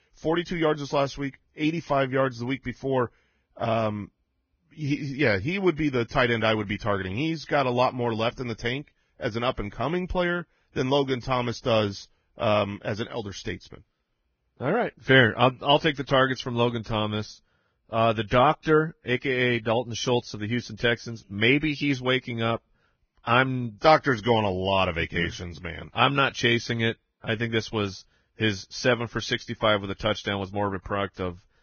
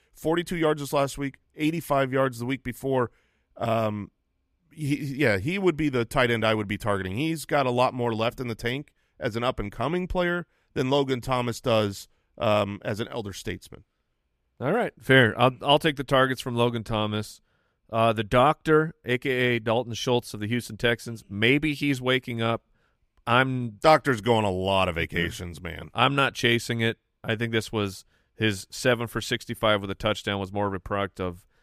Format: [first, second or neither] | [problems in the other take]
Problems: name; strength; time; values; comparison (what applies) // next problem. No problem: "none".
second | garbled, watery; badly; nothing above 6.5 kHz